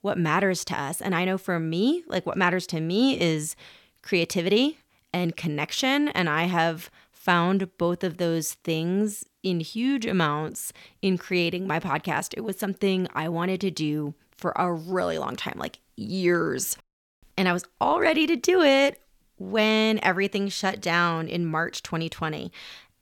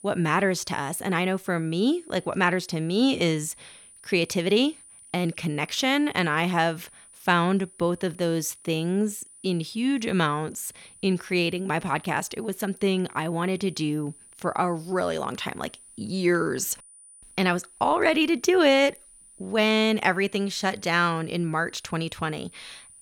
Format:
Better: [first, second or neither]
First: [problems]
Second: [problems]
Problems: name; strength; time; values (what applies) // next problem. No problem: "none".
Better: first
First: none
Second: high-pitched whine; faint; throughout; 9.5 kHz, 25 dB below the speech